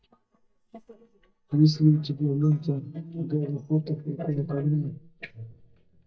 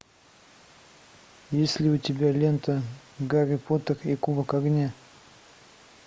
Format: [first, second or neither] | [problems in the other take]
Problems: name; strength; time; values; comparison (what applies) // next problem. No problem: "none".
second | noise reduction (neural mask model DeepFilterNet 3)